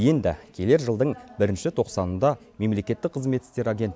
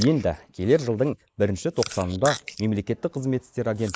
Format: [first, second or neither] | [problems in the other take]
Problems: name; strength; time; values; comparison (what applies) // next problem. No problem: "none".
first | noise reduction (neural mask model Resemble Enhance denoiser)